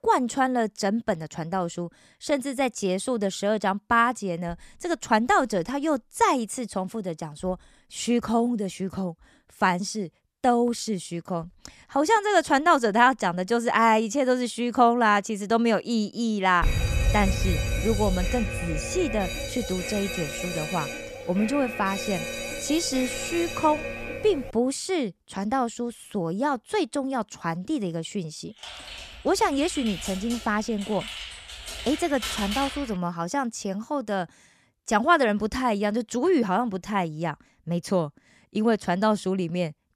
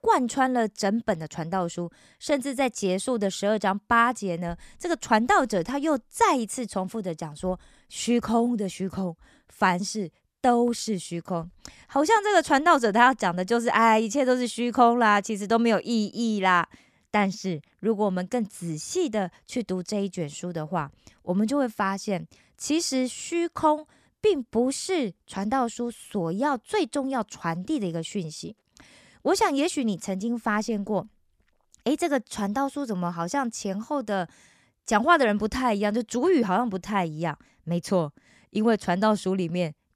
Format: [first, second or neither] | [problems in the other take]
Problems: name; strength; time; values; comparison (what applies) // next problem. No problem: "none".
second | alarm; loud; from 17 to 24 s; peak level with the speech // keyboard typing; noticeable; from 29 to 33 s; peak 4 dB below the speech